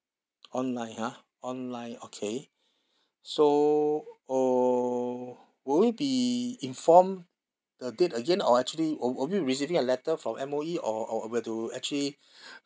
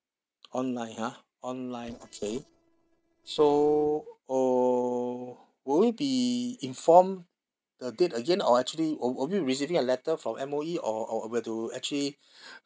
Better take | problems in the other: first | noise reduction (neural separator model SepFormer DNS4)

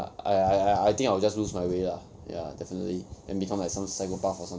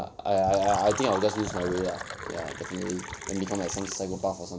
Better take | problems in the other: first | background sound (Fill (with liquid)); 10 dB below the speech

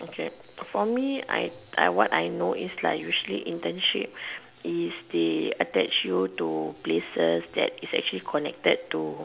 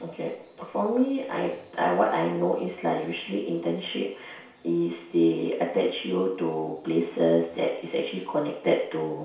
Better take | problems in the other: first | room echo; dies away in 0.6 s

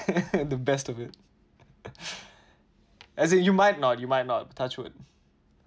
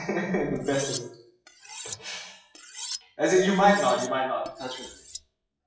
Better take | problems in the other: first | noise reduction (classical method WPE with log-MMSE)

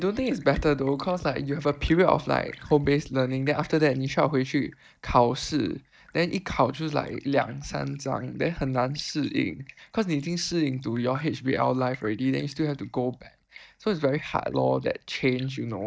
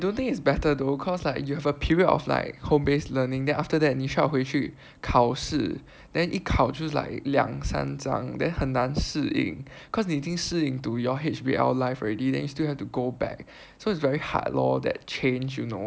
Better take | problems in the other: second | noise reduction (neural mask model DeepFilterNet 3)

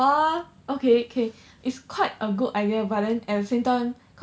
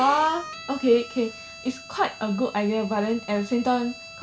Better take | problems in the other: first | background sound (Bowed string instrument); 15 dB below the speech

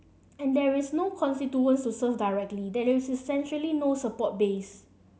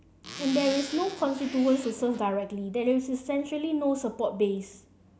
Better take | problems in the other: first | background sound (Zipper (clothing)); 12 dB below the speech

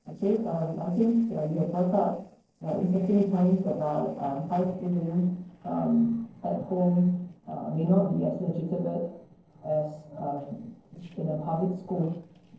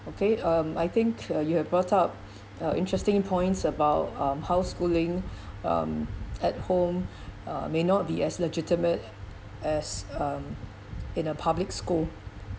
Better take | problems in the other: second | noise reduction (neural separator model SepFormer DNS4)

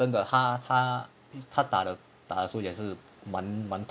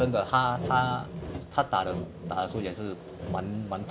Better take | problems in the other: first | background sound (Sawing); 8 dB below the speech

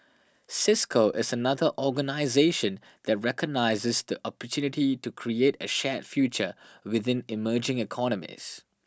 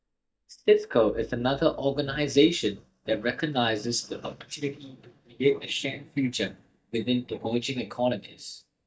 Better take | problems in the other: first | noise reduction (neural mask model DeepFilterNet 3)

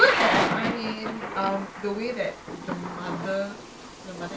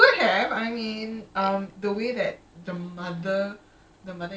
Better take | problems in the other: second | background sound (Thunder / Rain); 3 dB below the speech

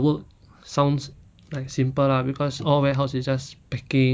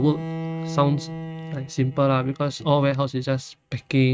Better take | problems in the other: first | noise reduction (neural mask model RNNoise)

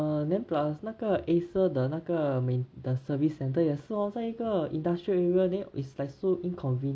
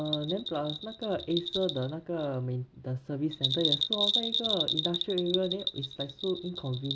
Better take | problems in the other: first | background sound (Bell); 2 dB below the speech

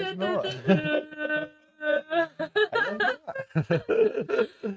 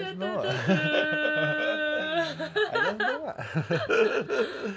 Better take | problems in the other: second | noise reduction (neural mask model RNNoise)

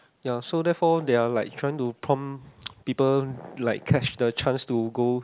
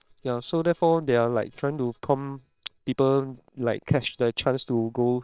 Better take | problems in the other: first | noise reduction (neural separator model SepFormer WHAM!)

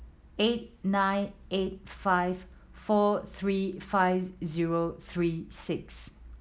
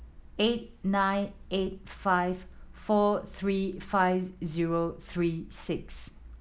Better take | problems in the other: first | background sound (Meow); 19 dB below the speech

